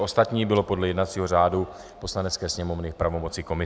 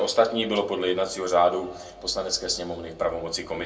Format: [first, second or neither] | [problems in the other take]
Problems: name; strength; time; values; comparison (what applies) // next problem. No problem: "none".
first | room echo; dies away in 0.2 s